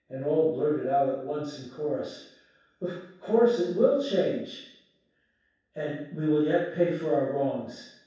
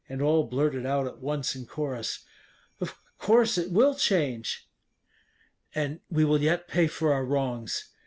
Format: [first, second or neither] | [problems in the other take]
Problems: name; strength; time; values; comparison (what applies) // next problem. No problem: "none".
second | room echo; dies away in 0.7 s